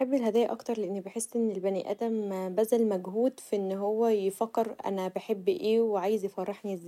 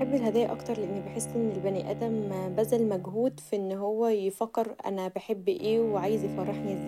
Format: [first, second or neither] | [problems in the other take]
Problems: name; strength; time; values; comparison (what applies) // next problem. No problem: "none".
first | background sound (Bowed string instrument); 10 dB below the speech